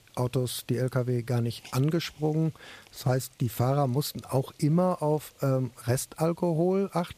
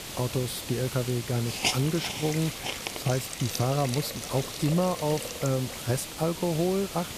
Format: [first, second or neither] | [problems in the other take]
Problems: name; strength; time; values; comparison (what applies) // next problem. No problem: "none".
first | hiss; loud; throughout; 5 dB below the speech; faint in the first